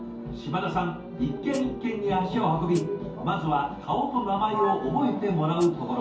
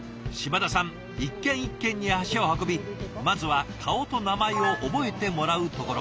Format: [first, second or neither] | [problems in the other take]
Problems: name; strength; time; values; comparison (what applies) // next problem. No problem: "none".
second | background sound (Hi-hat); 19 dB below the speech // room echo; dies away in 0.6 s